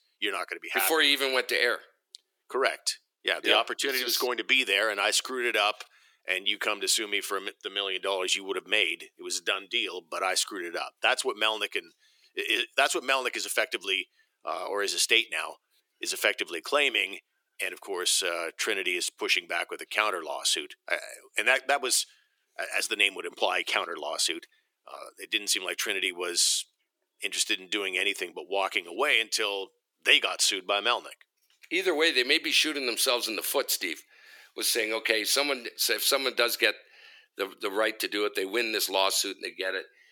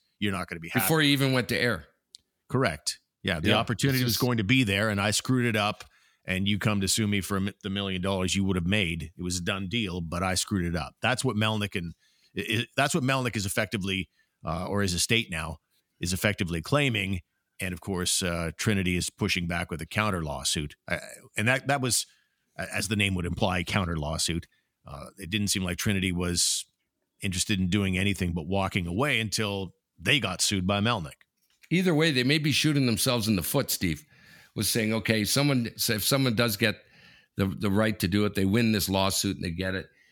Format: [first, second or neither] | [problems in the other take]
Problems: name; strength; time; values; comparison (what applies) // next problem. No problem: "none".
second | thin; very; fading below 350 Hz